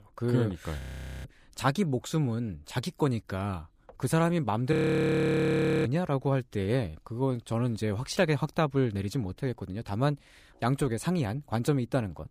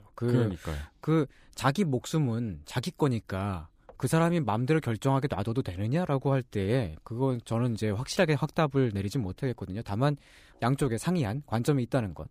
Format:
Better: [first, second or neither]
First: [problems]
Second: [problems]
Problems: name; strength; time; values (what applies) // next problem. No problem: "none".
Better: second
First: audio freezing; at 1 s and at 4.5 s for 1 s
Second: none